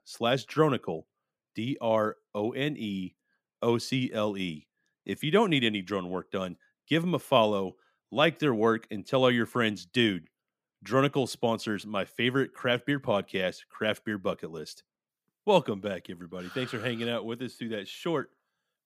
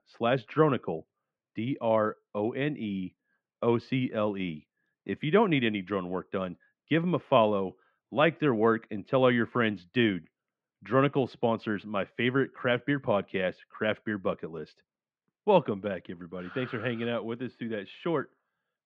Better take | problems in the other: first | muffled; very; fading above 2.5 kHz

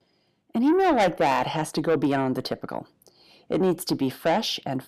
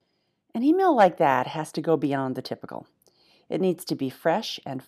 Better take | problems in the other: second | distortion; heavy; 7 dB below the speech

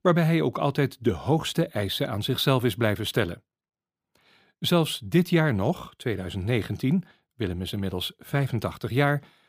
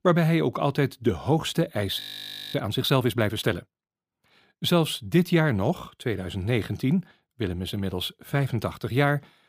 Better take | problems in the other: first | audio freezing; at 2 s for 0.5 s

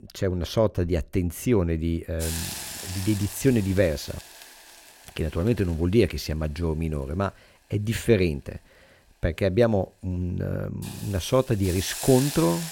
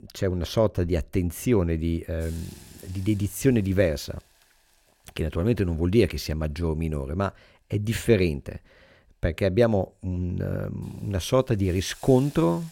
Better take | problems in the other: second | hiss; loud; from 2 s on; 10 dB below the speech; faint in the second

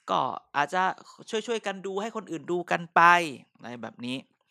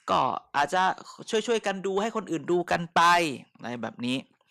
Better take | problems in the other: first | distortion; heavy; 6 dB below the speech

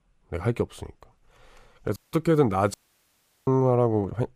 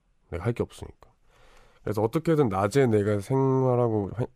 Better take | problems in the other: second | audio cutting out; at 2 s and at 2.5 s for 0.5 s

